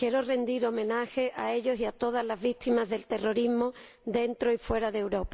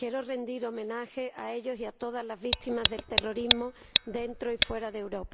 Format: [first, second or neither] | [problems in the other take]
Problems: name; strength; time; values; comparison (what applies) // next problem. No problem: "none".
first | background sound (Tick); 4 dB above the speech